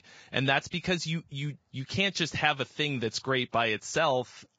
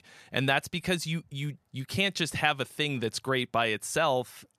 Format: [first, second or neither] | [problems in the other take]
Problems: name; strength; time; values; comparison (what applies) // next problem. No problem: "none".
second | garbled, watery; badly; nothing above 7.5 kHz